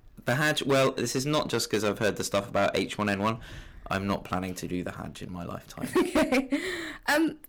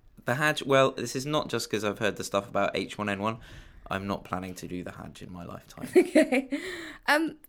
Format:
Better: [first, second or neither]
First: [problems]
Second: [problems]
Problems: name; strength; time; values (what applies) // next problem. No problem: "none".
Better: second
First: distortion; heavy; 6% of the sound clipped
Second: none